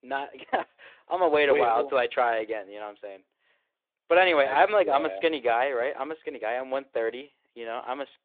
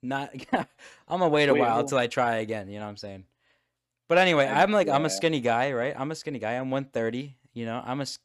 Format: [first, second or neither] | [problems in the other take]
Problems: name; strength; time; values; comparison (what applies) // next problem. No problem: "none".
second | phone-call audio; nothing above 3.5 kHz